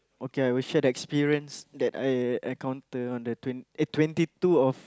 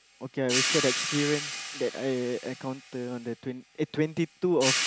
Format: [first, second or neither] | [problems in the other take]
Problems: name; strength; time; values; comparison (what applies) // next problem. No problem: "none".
first | background sound (Hi-hat); 3 dB below the speech